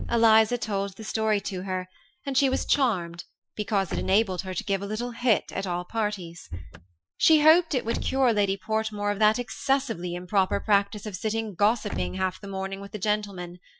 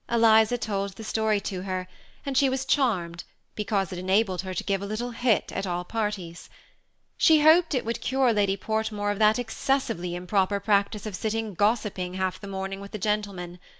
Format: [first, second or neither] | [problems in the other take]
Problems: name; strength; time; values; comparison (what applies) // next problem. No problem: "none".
second | noise reduction (classical method Wiener filter)